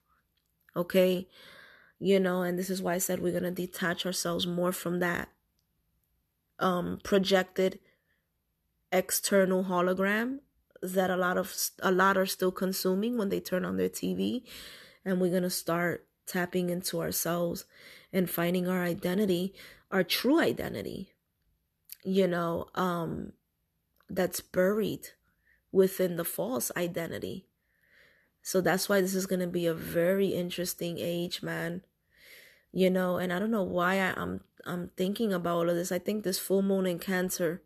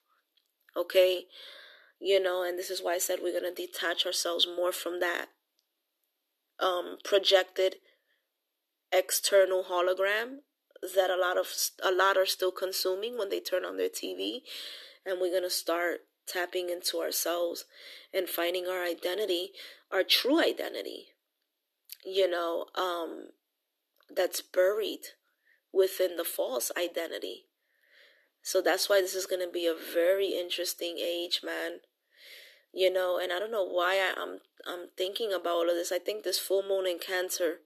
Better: first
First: none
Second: thin; very; fading below 300 Hz

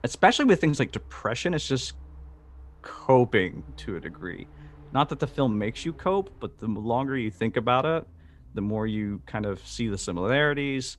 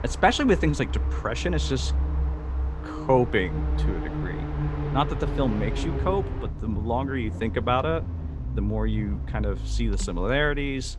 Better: first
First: traffic noise; faint; throughout; 25 dB below the speech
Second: traffic noise; loud; throughout; 4 dB below the speech

